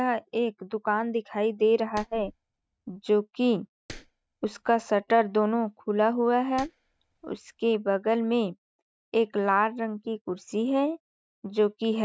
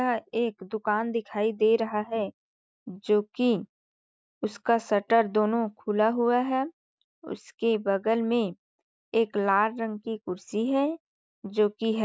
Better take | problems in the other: second | noise reduction (neural mask model RNNoise)

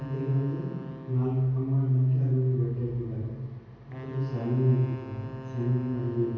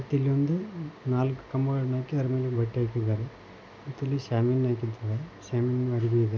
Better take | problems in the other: second | background sound (Wind instrument, woodwind instrument); 17 dB below the speech // room echo; dies away in 1.3 s

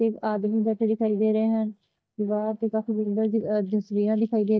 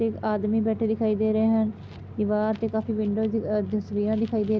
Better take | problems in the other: second | noise reduction (neural mask model DeepFilterNet 3)

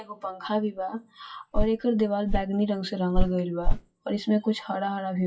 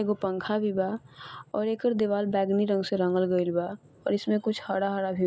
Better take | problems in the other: second | noise reduction (classical method WPE with log-MMSE)

